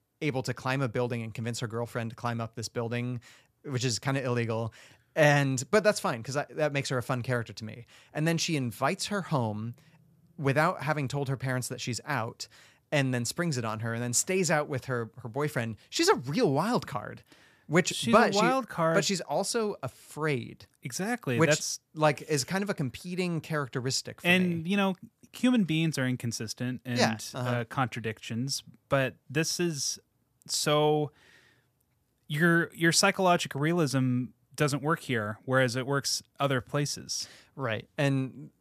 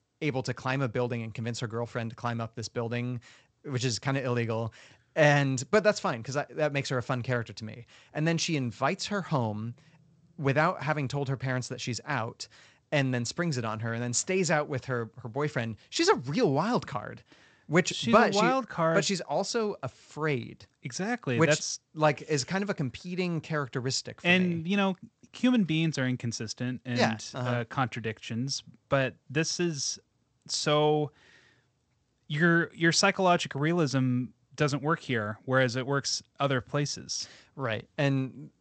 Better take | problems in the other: first | garbled, watery; slightly; nothing above 8 kHz

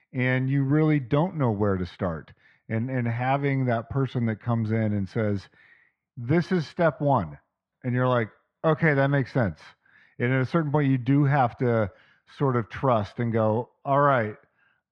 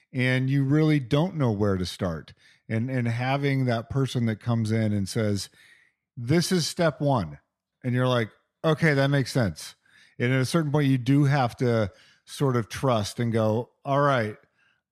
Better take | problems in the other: second | muffled; very; fading above 2 kHz

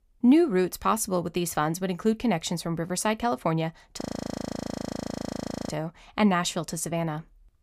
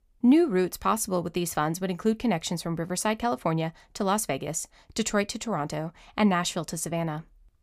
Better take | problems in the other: second | audio freezing; at 4 s for 1.5 s

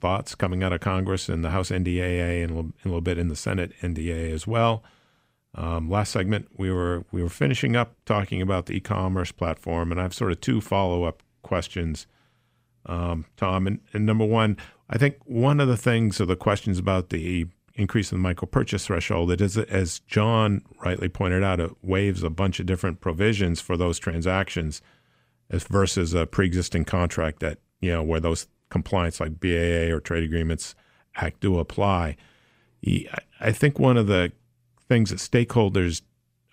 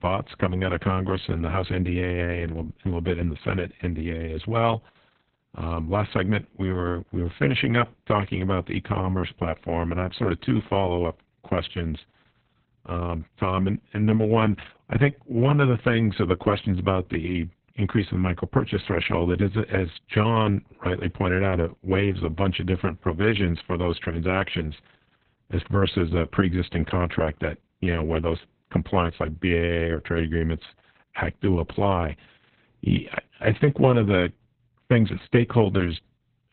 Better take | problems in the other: first | garbled, watery; badly; nothing above 4 kHz

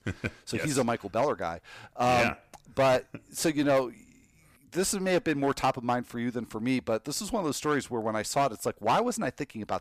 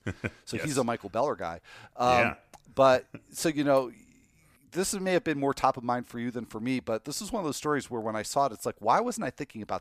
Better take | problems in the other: second | distortion; slight; 5% of the sound clipped

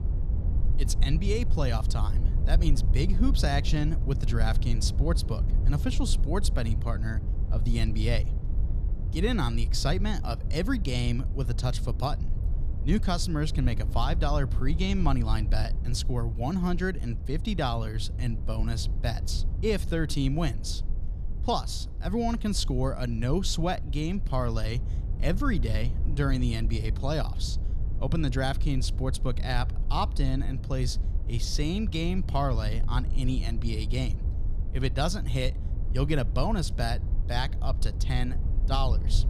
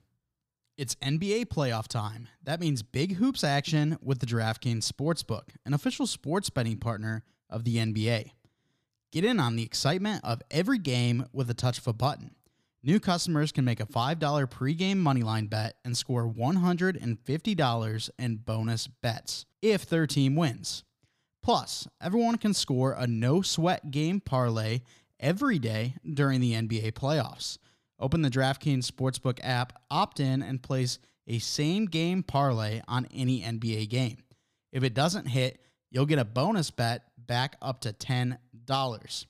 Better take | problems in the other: second | low rumble; noticeable; throughout; 15 dB below the speech

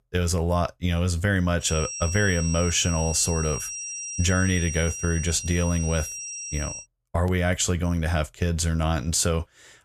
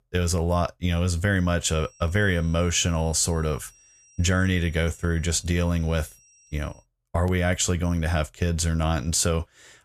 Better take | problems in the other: second | high-pitched whine; loud; from 1.5 to 7 s; 5.5 kHz, 7 dB below the speech; faint in the second

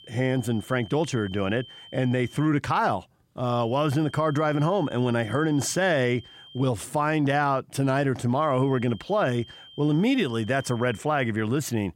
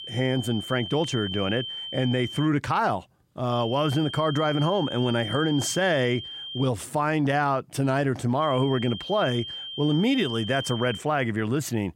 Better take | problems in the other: first | high-pitched whine; loud; until 2.5 s, from 3.5 to 6.5 s and from 8.5 to 11 s; 3 kHz, 9 dB below the speech; faint in the first

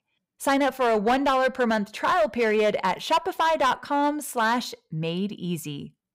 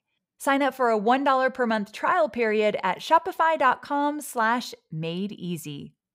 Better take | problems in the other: second | distortion; slight; 8% of the sound clipped

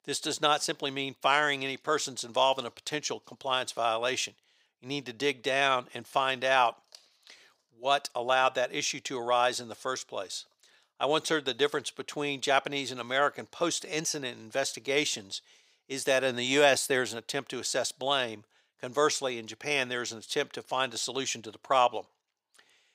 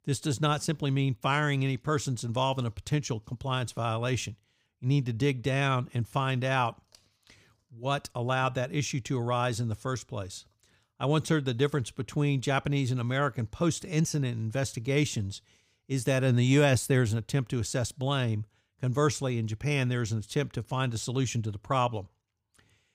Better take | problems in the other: second | thin; very; fading below 500 Hz

